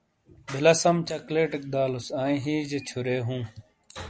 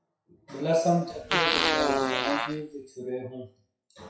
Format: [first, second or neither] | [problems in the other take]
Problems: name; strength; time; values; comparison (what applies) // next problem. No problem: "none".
first | noise reduction (classical method WPE with log-MMSE)